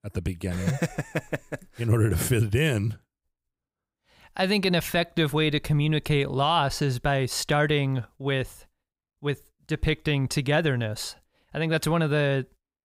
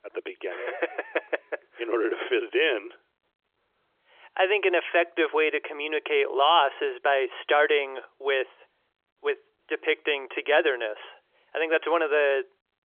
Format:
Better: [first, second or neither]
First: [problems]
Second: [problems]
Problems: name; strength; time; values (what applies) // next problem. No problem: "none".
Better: first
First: none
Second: phone-call audio; nothing above 3.5 kHz